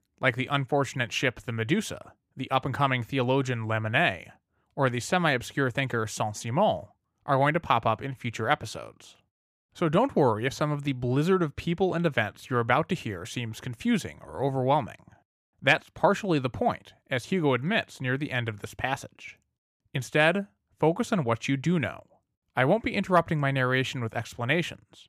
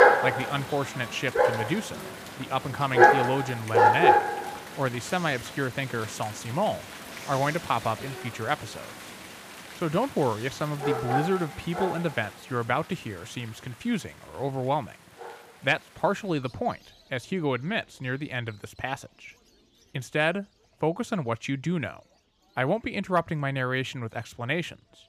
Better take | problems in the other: first | animal sounds; very loud; throughout; 3 dB above the speech

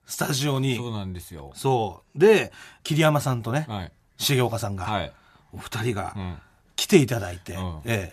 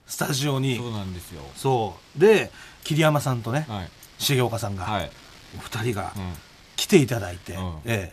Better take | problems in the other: first | wind noise on the microphone; occasional gusts; 20 dB below the speech

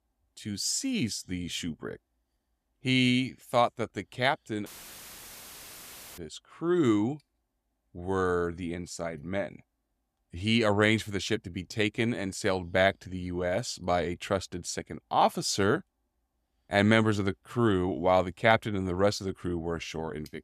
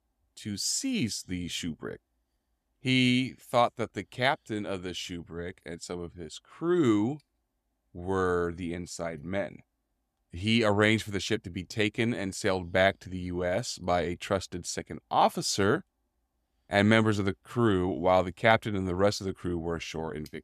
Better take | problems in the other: second | audio cutting out; filled with static; at 4.5 s for 1.5 s

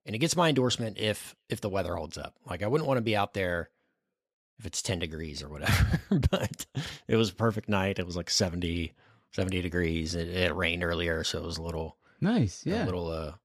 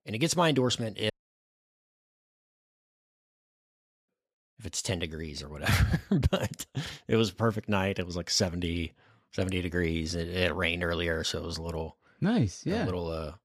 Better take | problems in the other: first | audio cutting out; at 1 s for 3 s

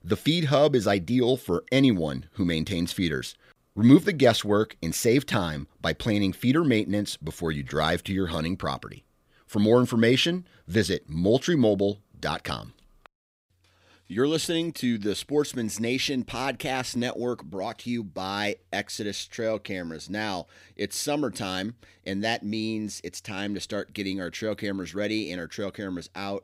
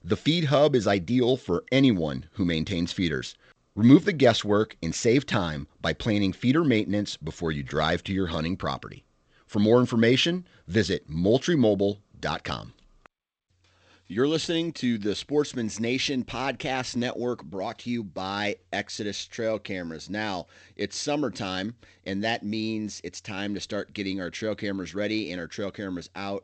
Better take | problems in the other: first | garbled, watery; slightly; nothing above 8 kHz

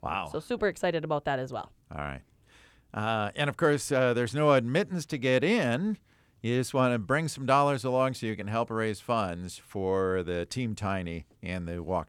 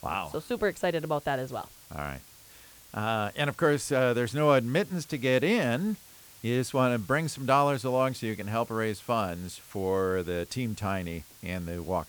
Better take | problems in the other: first | hiss; faint; throughout; 20 dB below the speech

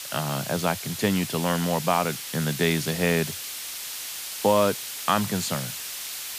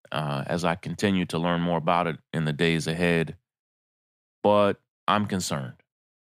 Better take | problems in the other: second | hiss; loud; throughout; 6 dB below the speech

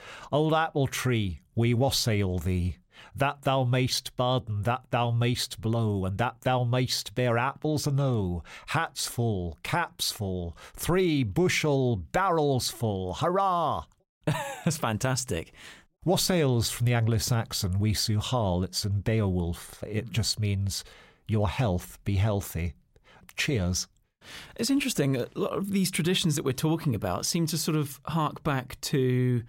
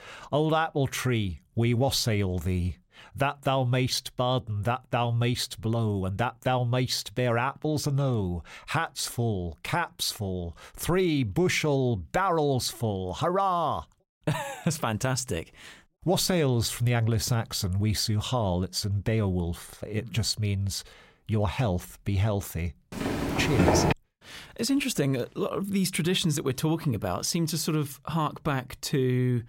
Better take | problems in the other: first | footsteps; loud; at 23 s; peak 5 dB above the speech

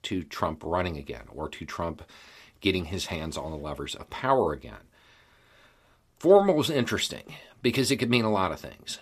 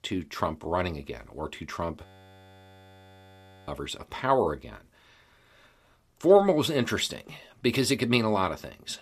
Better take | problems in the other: first | audio freezing; at 2 s for 1.5 s

